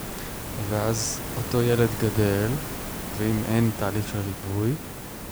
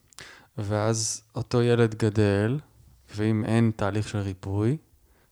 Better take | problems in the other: second | hiss; loud; throughout; 7 dB below the speech

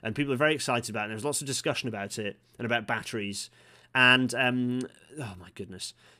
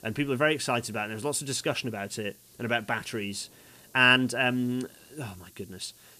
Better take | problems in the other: first | hiss; faint; throughout; 25 dB below the speech

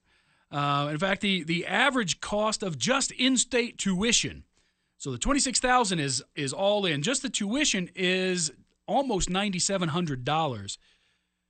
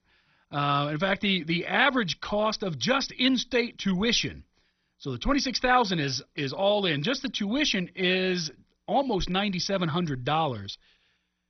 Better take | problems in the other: first | garbled, watery; badly; nothing above 6 kHz; slightly in the first

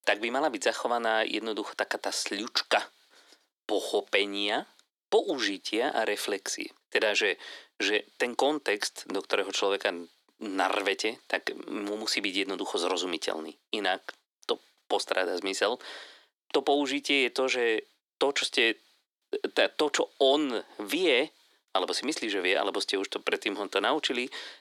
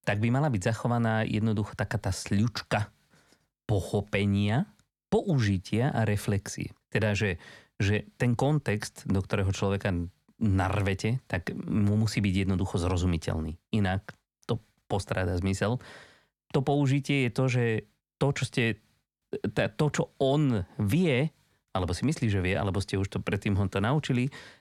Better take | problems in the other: second | thin; very; fading below 300 Hz

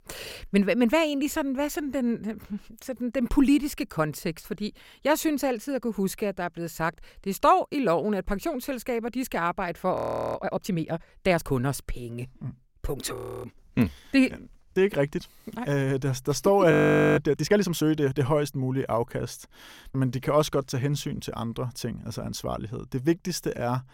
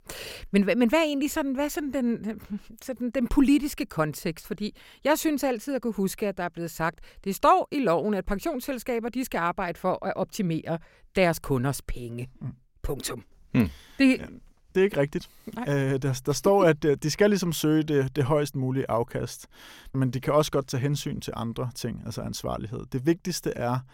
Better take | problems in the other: second | audio freezing; at 10 s, at 13 s and at 17 s

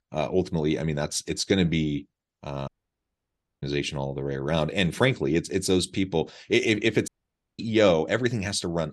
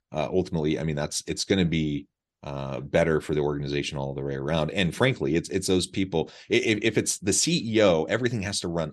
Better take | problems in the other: second | audio cutting out; at 2.5 s for 1 s and at 7 s for 0.5 s

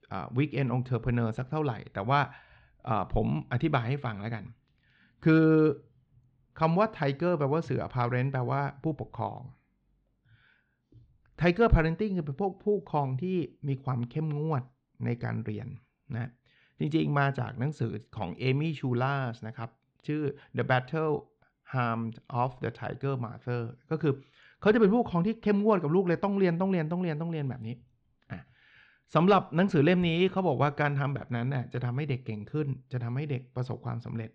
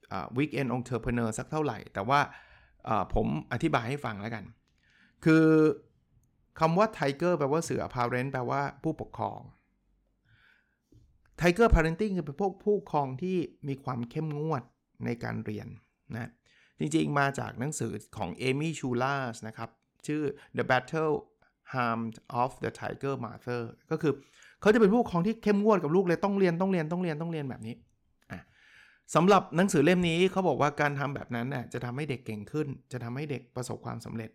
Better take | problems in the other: second | muffled; slightly; fading above 4 kHz

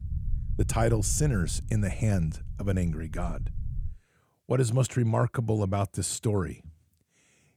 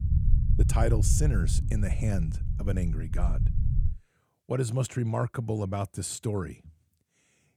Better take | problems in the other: first | low rumble; loud; until 4 s; 10 dB below the speech; faint in the first

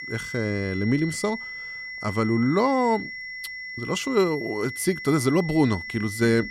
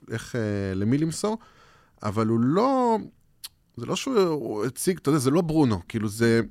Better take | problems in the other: second | high-pitched whine; loud; throughout; 2 kHz, 9 dB below the speech

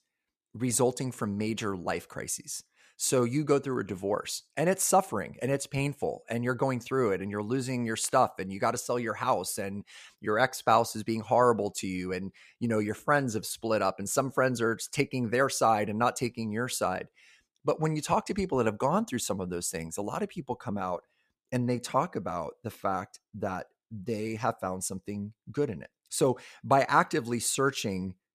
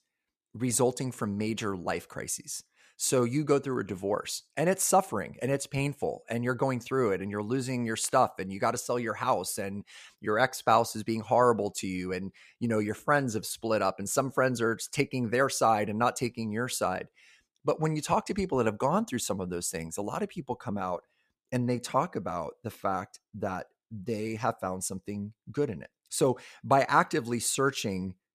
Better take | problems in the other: neither | none

